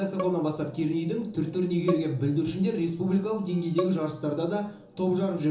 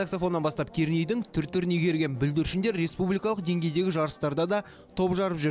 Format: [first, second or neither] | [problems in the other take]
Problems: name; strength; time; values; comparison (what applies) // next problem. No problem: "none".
second | background sound (Bowed string instrument); 14 dB below the speech // room echo; dies away in 1.2 s